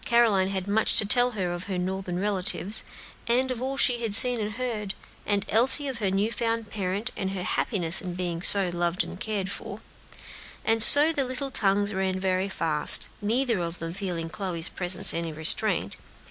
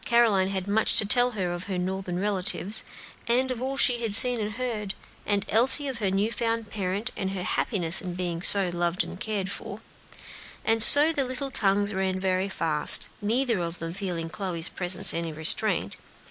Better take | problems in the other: first | noise reduction (neural mask model Resemble Enhance denoiser)

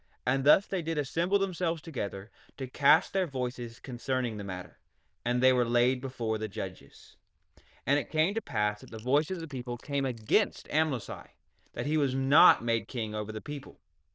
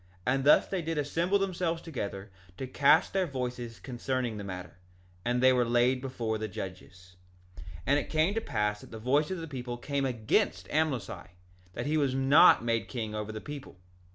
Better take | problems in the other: second | noise reduction (neural diffusion model UNIVERSE++)

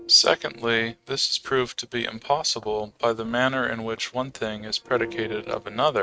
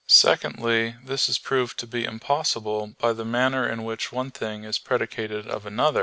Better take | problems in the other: second | noise reduction (neural mask model RNNoise)

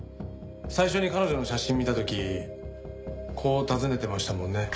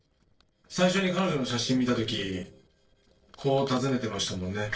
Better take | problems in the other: first | noise reduction (neural separator model SepFormer DNS4)

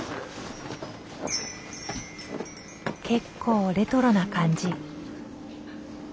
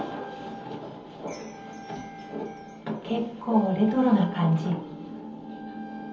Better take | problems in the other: first | background sound (Wind instrument, woodwind instrument); 17 dB below the speech // room echo; dies away in 0.7 s

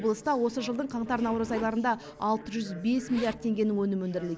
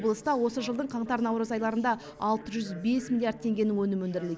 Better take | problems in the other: second | background sound (Zipper (clothing)); 20 dB below the speech

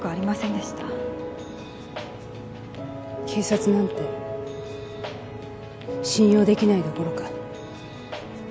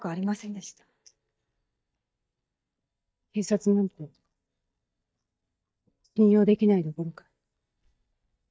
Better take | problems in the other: first | noise reduction (neural mask model DeepFilterNet 3)

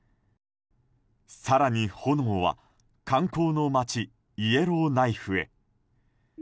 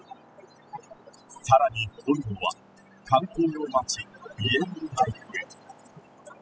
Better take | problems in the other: first | noise reduction (classical method spectral subtraction)

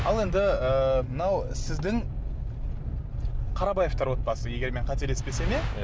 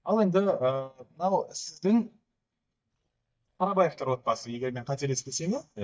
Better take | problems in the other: first | noise reduction (neural mask model DeepFilterNet 3)

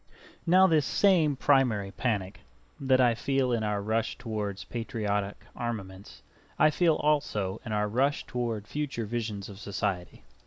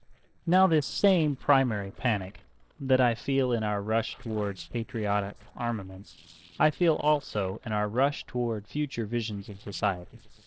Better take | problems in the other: first | noise reduction (neural separator model SepFormer DNS4)

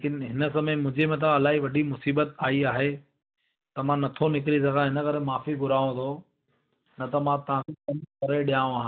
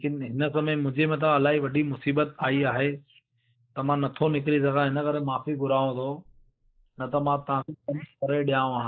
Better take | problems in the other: first | noise reduction (neural mask model Resemble Enhance denoiser)

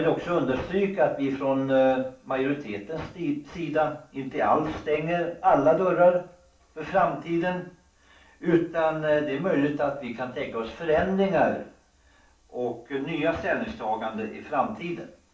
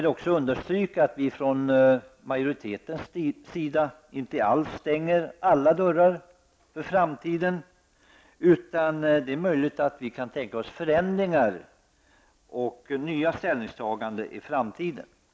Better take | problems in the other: second | room echo; dies away in 0.3 s

